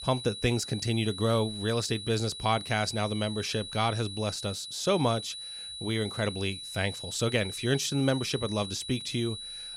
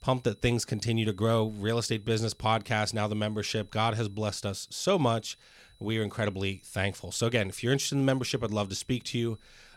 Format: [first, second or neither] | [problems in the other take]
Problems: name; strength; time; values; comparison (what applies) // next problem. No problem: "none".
second | high-pitched whine; loud; throughout; 4 kHz, 8 dB below the speech; faint in the second